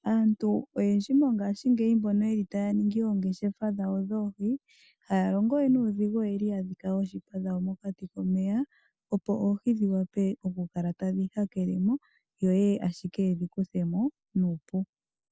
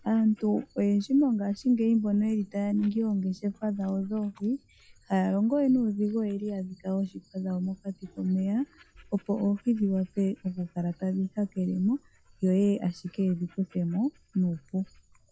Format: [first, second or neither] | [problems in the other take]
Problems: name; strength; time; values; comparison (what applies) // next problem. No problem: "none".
first | noise reduction (classical method log-MMSE)